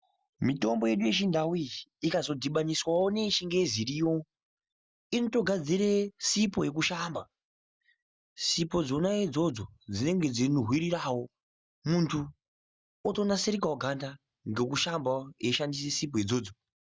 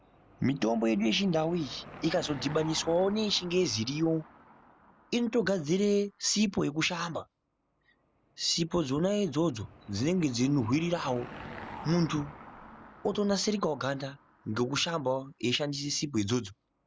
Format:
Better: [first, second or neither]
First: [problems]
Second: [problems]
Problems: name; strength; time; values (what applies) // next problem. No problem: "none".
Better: first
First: none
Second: background sound (Car passing by / Engine); 19 dB below the speech